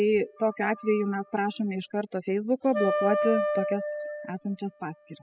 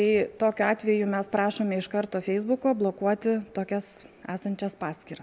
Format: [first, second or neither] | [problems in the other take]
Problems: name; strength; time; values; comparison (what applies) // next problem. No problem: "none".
second | noise reduction (classical method spectral subtraction)